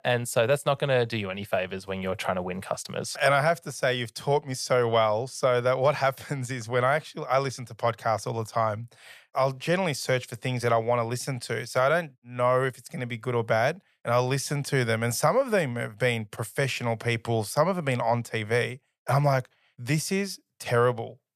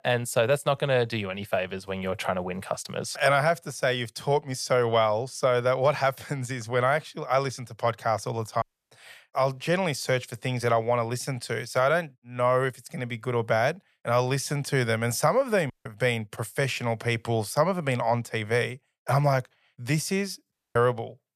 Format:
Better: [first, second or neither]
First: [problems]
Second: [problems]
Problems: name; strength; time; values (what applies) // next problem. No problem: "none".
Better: first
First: none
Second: audio cutting out; at 8.5 s, at 16 s and at 21 s